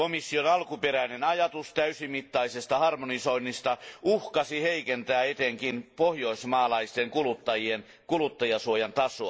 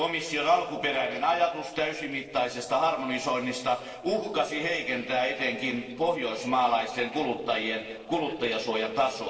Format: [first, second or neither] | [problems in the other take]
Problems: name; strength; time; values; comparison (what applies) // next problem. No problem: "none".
first | noise reduction (neural separator model SepFormer DNS4)